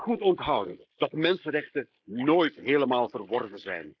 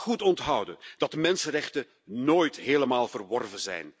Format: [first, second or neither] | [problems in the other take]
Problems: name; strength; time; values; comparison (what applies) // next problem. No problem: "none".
second | noise reduction (neural mask model Resemble Enhance denoiser)